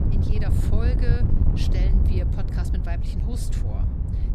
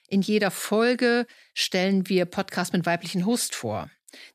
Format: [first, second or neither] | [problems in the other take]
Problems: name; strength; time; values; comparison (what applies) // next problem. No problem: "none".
second | wind noise on the microphone; heavy; 1 dB above the speech